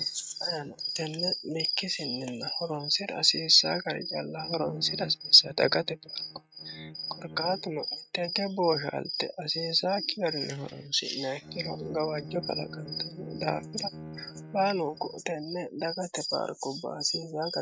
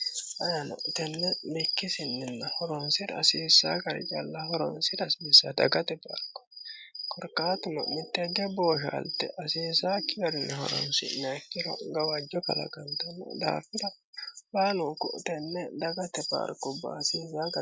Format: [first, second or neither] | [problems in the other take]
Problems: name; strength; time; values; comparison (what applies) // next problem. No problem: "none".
second | noise reduction (neural mask model RNNoise)